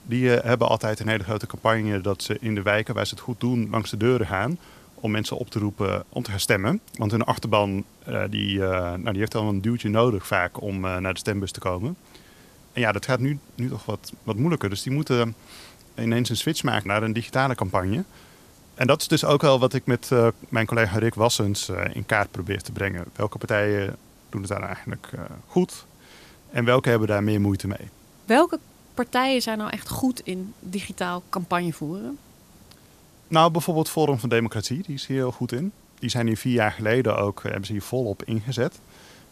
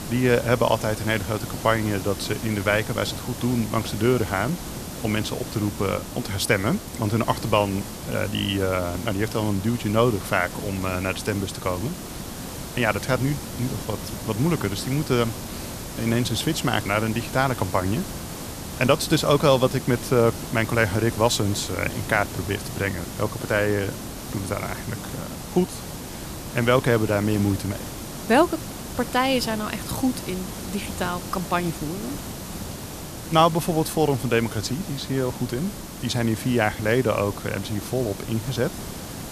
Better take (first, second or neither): first